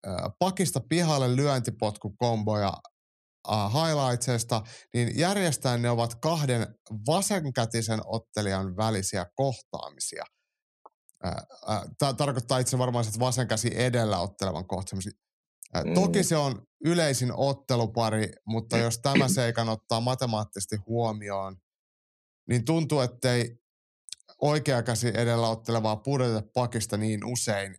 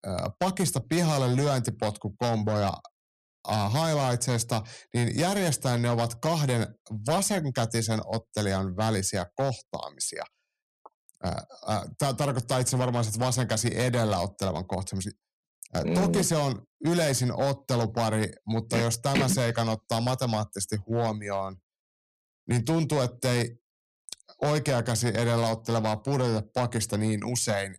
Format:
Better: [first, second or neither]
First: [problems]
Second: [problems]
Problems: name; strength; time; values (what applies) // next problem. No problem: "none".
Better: first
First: none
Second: distortion; slight; 6% of the sound clipped